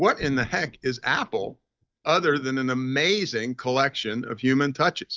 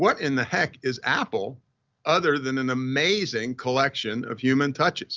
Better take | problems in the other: second | noise reduction (neural mask model DeepFilterNet 3)

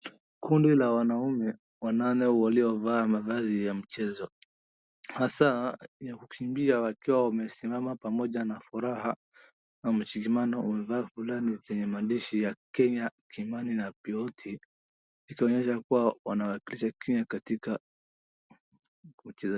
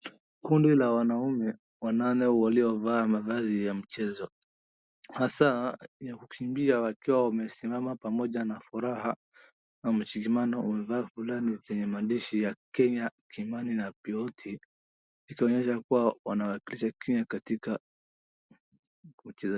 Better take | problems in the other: first | noise reduction (neural mask model Resemble Enhance denoiser)

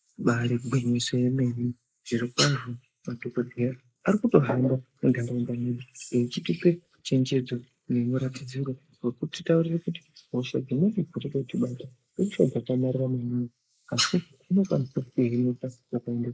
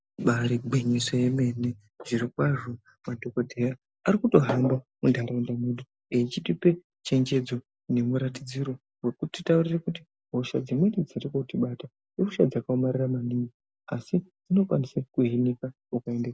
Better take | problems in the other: second | noise reduction (neural mask model Resemble Enhance denoiser)

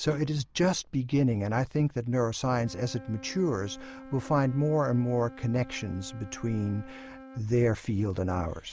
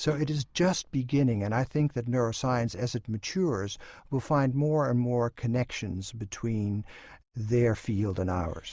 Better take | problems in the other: second | background sound (Wind instrument, woodwind instrument); 20 dB below the speech

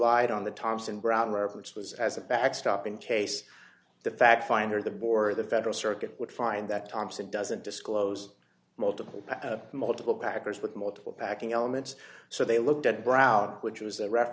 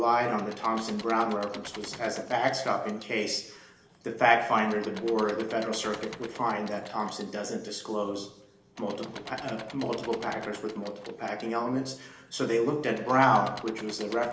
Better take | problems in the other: first | background sound (Engine / Mechanisms); 18 dB below the speech // room echo; dies away in 0.8 s

